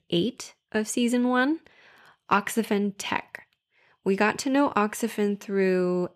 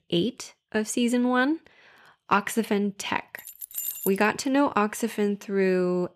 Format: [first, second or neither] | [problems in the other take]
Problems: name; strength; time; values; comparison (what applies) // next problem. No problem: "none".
first | jangling keys; noticeable; at 3.5 s; peak 4 dB below the speech